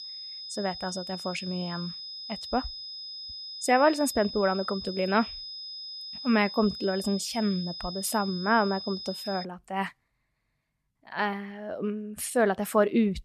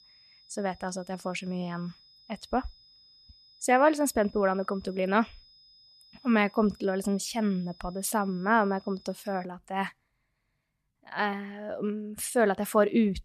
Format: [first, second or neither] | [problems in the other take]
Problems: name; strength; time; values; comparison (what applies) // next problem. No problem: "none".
second | high-pitched whine; loud; until 9.5 s; 5 kHz, 9 dB below the speech; faint in the second